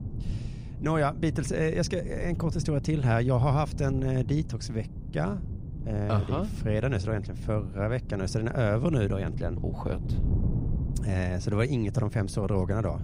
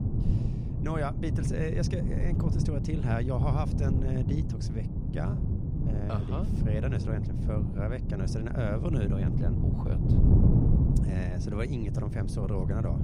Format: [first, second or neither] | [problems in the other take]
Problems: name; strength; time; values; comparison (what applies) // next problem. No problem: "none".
first | wind noise on the microphone; heavy; 1 dB below the speech; occasional gusts in the first